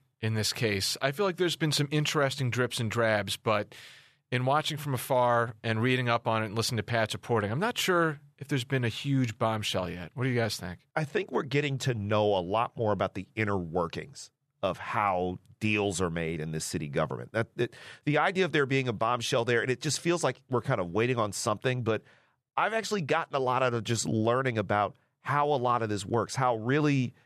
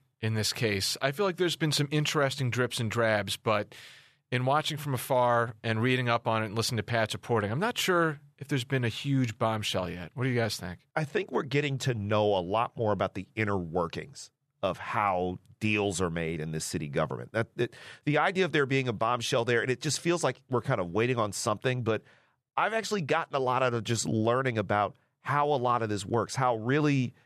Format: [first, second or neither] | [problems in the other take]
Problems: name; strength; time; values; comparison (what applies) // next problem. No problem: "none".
neither | none